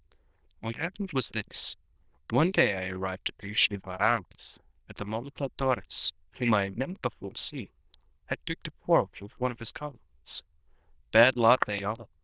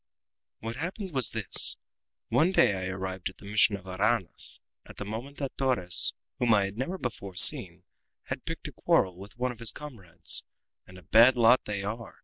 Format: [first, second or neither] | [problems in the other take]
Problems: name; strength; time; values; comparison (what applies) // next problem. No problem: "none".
second | noise reduction (neural diffusion model UNIVERSE++)